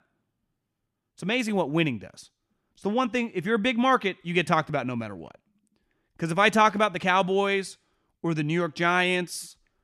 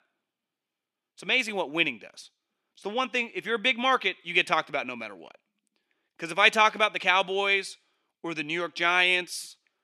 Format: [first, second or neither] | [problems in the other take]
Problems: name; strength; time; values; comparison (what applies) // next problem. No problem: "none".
first | thin; somewhat; fading below 350 Hz